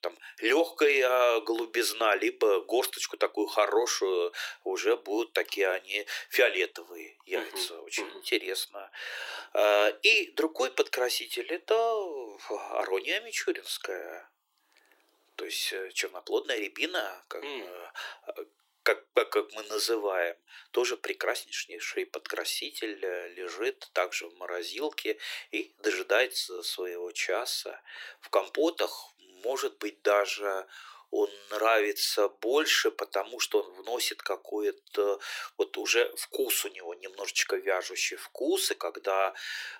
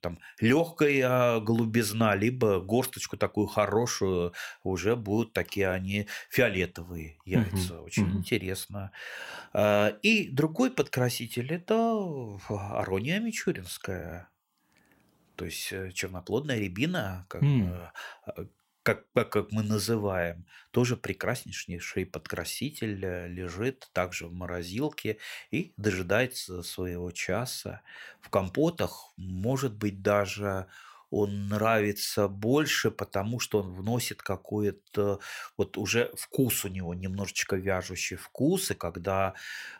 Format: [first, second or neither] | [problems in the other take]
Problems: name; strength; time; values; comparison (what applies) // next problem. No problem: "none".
second | thin; very; fading below 350 Hz